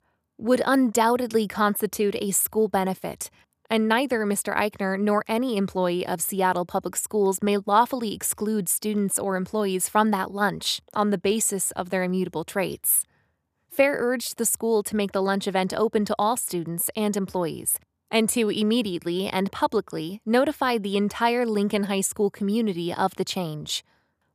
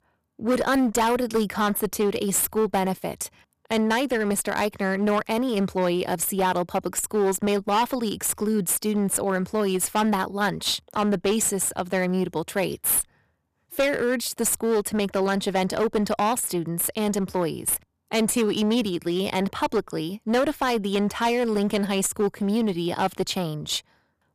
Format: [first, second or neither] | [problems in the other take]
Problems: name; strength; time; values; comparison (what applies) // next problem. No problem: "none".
first | distortion; slight; 12% of the sound clipped